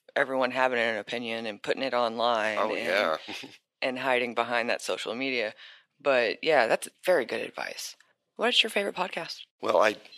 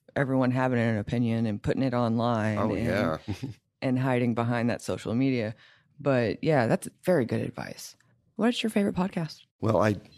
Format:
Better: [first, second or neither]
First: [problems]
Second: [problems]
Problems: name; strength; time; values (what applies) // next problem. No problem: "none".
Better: second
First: thin; very; fading below 550 Hz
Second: none